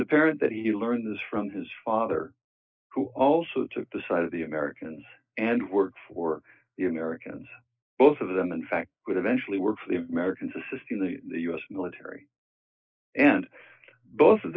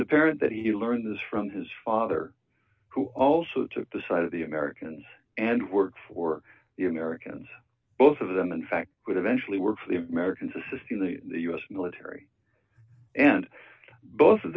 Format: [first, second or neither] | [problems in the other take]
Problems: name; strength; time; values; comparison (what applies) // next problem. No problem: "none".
second | noise reduction (neural mask model Resemble Enhance denoiser)